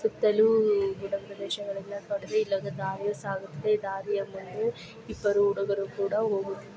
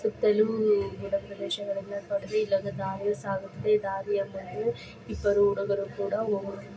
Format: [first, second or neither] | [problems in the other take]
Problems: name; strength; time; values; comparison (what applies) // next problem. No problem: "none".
first | room echo; dies away in 0.4 s